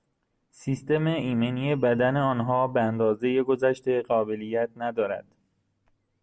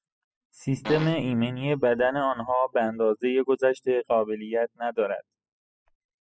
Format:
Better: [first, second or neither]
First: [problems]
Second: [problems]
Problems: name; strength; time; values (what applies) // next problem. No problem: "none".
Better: first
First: none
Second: noise reduction (classical method spectral subtraction)